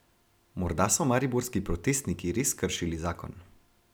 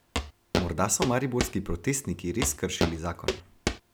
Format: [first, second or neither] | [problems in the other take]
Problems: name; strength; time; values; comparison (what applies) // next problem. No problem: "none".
first | background sound (Walk, footsteps); 2 dB below the speech